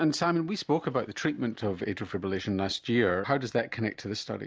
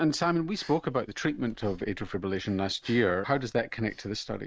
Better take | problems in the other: first | noise reduction (neural mask model RNNoise)

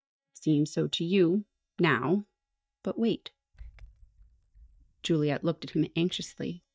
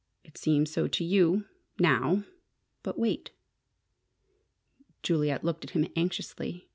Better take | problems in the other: second | noise reduction (neural mask model DeepFilterNet 3)

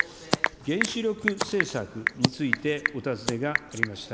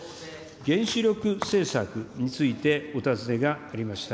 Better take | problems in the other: second | background sound (Telephone / Typing + Scissors); 1 dB above the speech

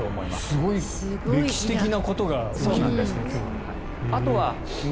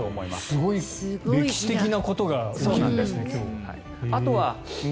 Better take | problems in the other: second | background sound (Fixed-wing aircraft, airplane); 7 dB below the speech

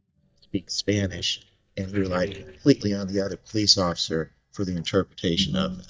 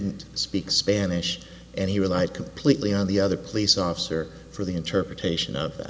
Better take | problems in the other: second | noise reduction (neural mask model DeepFilterNet 3)

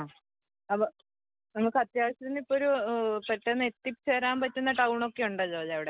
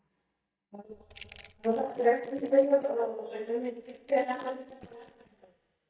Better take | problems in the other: first | noise reduction (neural mask model DeepFilterNet 3)

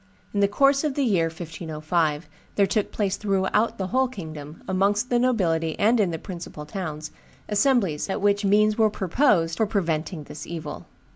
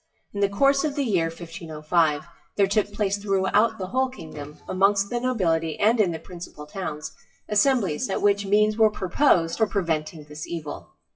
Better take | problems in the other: first | noise reduction (classical method WPE with log-MMSE)

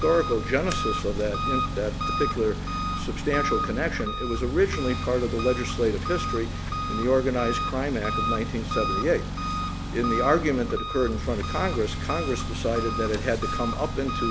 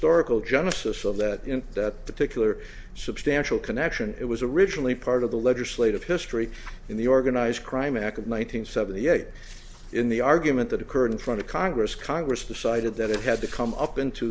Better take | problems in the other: second | background sound (Engine); 2 dB below the speech

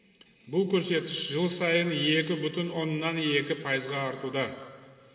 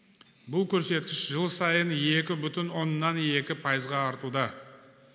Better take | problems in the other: second | room echo; dies away in 1.6 s

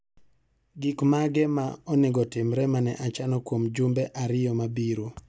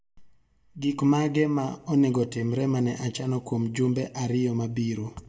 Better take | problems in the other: first | room echo; dies away in 0.8 s

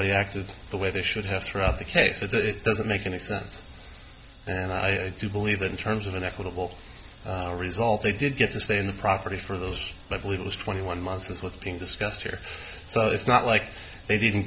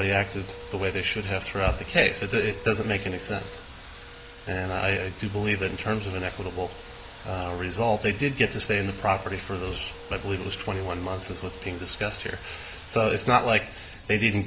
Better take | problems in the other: first | background sound (Domestic sounds, home sounds); 18 dB below the speech

